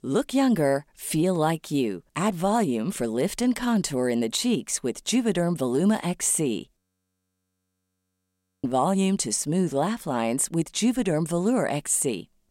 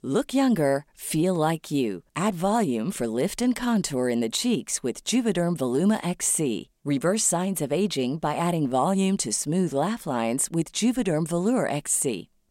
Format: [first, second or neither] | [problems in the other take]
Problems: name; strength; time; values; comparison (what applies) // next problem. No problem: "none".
second | audio freezing; at 7 s for 2 s